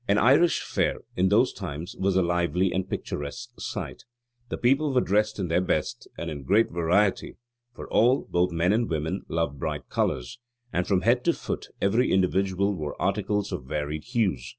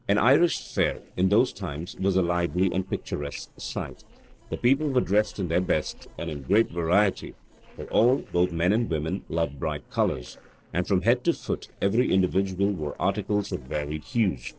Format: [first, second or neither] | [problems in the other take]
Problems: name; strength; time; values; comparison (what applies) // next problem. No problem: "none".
first | noise reduction (neural separator model SepFormer DNS4)